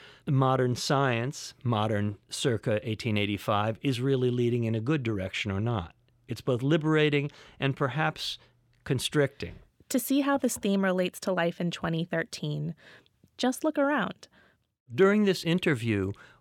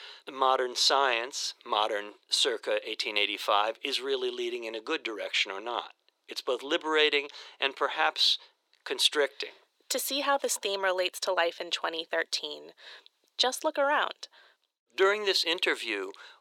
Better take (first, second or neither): first